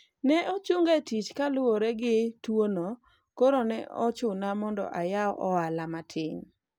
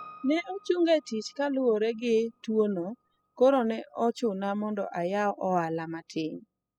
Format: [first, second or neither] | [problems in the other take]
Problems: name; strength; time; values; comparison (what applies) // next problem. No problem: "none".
first | noise reduction (classical method spectral subtraction)